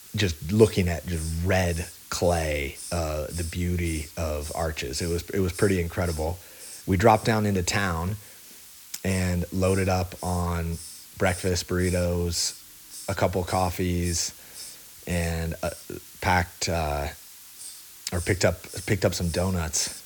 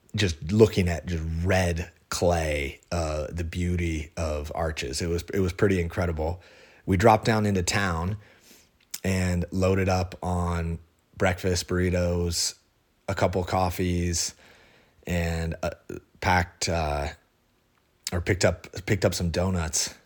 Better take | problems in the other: second | hiss; noticeable; throughout; 15 dB below the speech

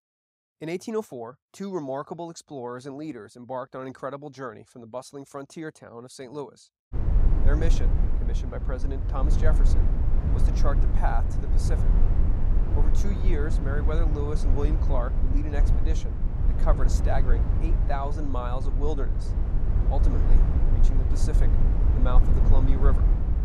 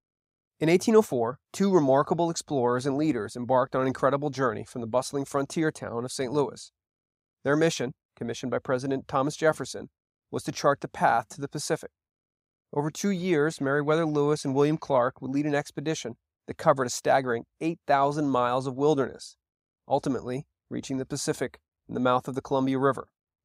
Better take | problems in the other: second | low rumble; loud; from 7 s on; 5 dB below the speech

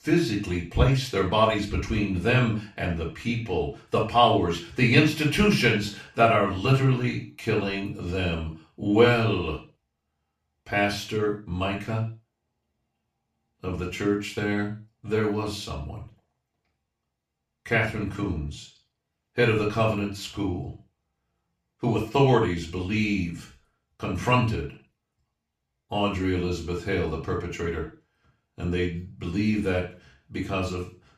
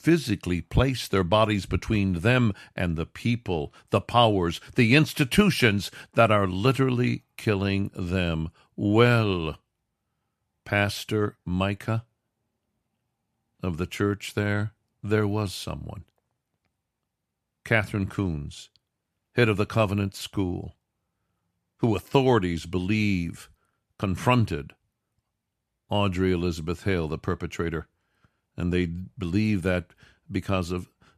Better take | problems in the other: second | room echo; slight; dies away in 0.3 s // off-mic speech; far

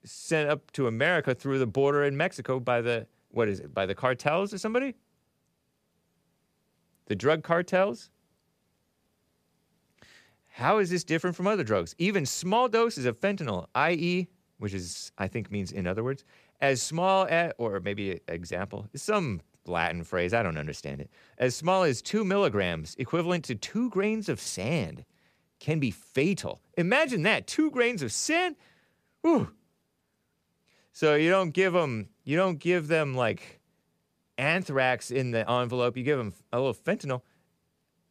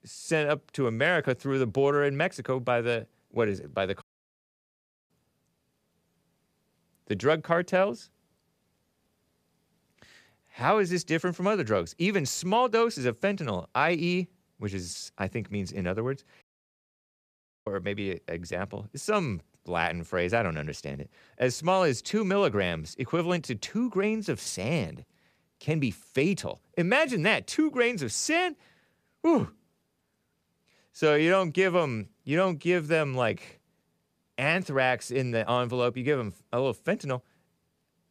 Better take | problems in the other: first | audio cutting out; at 4 s for 1 s and at 16 s for 1 s

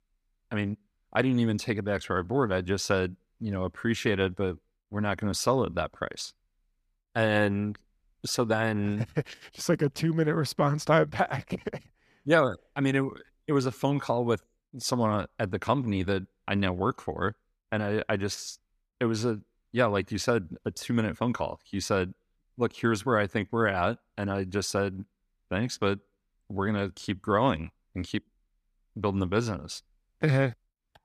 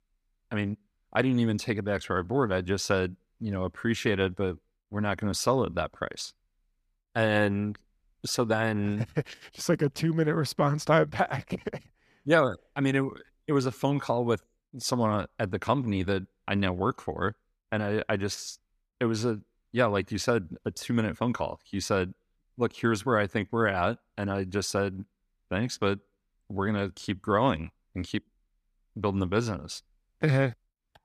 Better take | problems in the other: neither | none

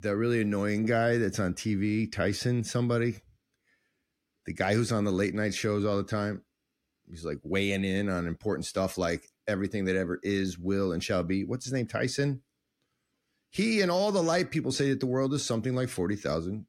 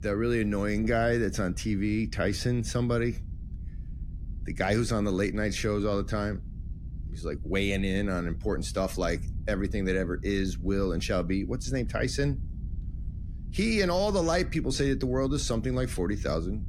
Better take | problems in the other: first | low rumble; faint; throughout; 25 dB below the speech

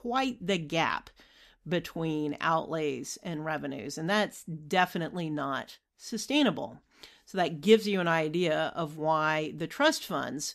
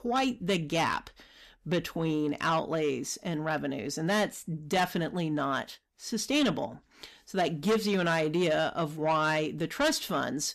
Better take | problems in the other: first | distortion; heavy; 8 dB below the speech

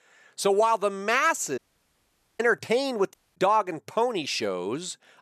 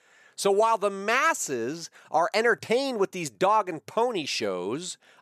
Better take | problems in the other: second | audio cutting out; at 1.5 s for 1 s and at 3 s

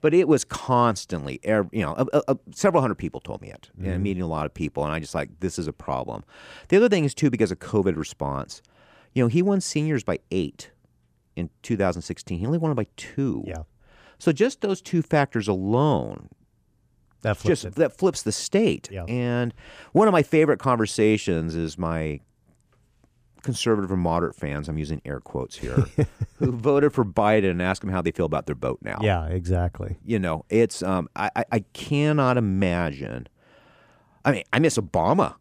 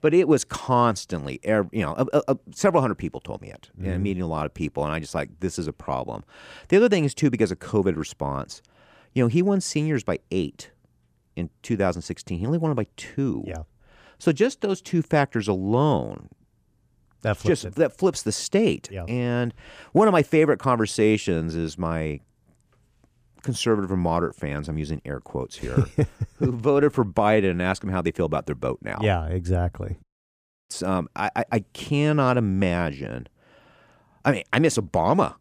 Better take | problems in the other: first | audio cutting out; at 30 s for 0.5 s

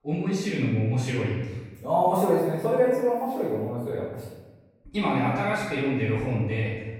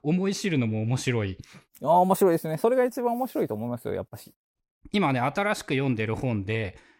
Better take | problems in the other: second | off-mic speech; far // room echo; noticeable; dies away in 1.1 s

